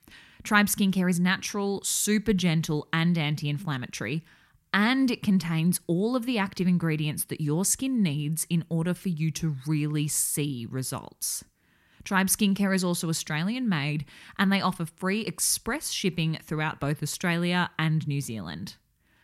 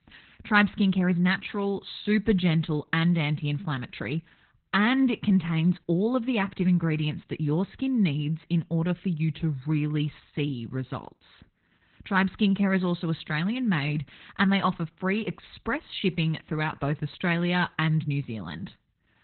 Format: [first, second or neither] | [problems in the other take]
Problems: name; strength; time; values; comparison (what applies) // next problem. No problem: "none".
first | garbled, watery; badly; nothing above 4 kHz